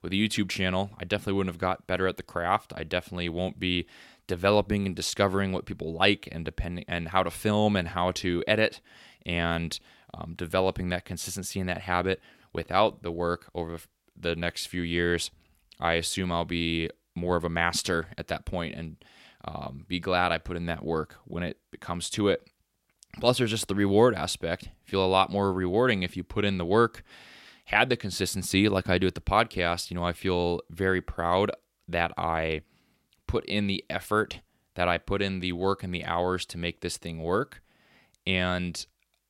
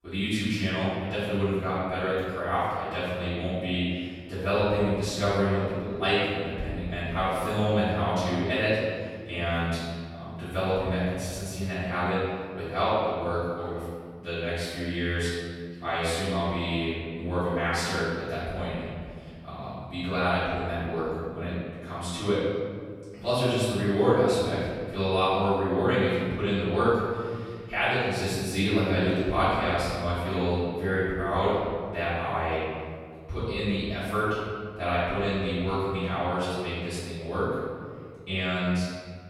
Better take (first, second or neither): first